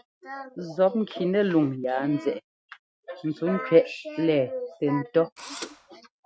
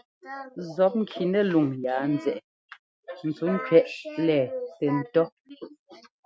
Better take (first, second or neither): second